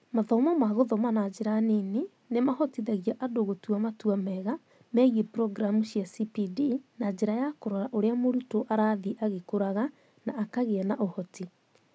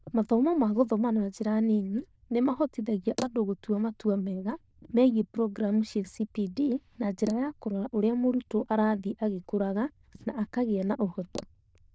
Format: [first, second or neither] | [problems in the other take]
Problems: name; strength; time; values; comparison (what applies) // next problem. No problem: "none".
first | noise reduction (neural diffusion model UNIVERSE++)